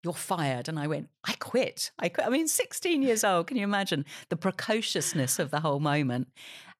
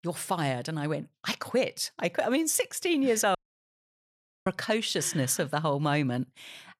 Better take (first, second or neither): first